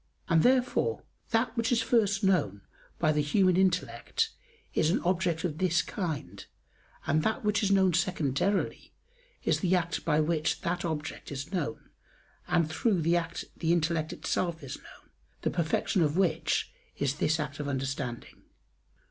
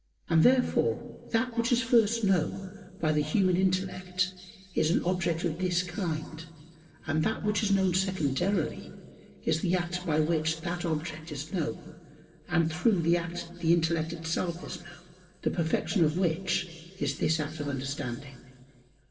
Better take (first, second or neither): first